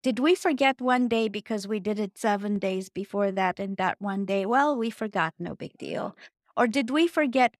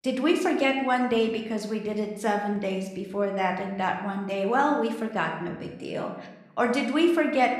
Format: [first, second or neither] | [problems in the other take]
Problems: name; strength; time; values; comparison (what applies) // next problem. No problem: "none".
first | room echo; slight; dies away in 0.8 s